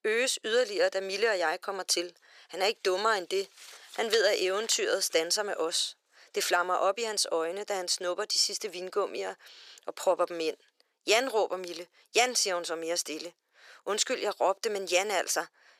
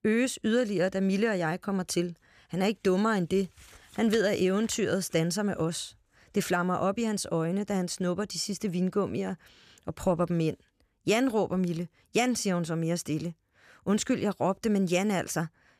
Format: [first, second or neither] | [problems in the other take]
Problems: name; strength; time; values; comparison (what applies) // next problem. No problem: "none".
second | thin; very; fading below 400 Hz